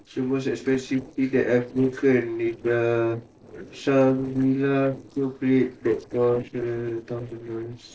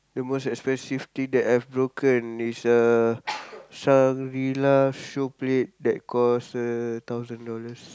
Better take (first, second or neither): second